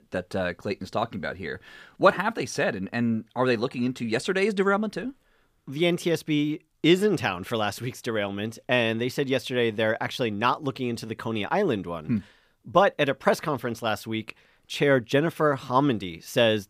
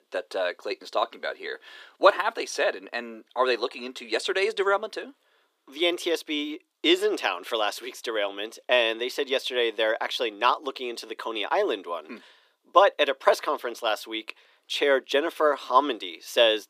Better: first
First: none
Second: thin; very; fading below 300 Hz

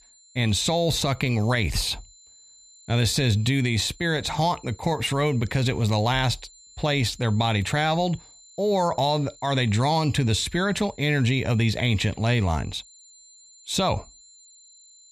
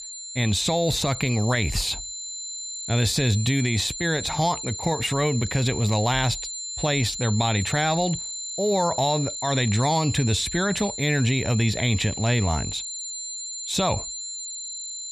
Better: first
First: high-pitched whine; faint; throughout; 7 kHz, 25 dB below the speech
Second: high-pitched whine; loud; throughout; 7 kHz, 7 dB below the speech

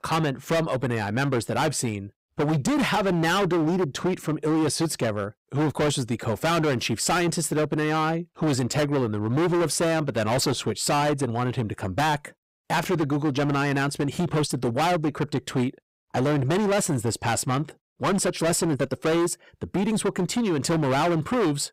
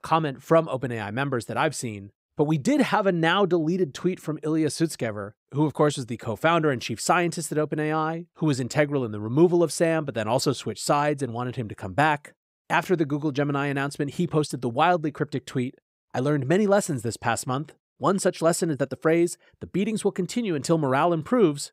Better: second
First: distortion; heavy; 23% of the sound clipped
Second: none

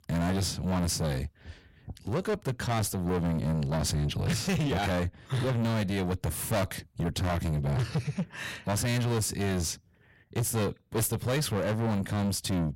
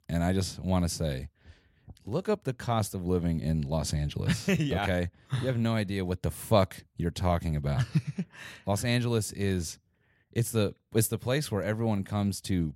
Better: second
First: distortion; heavy; 6 dB below the speech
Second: none

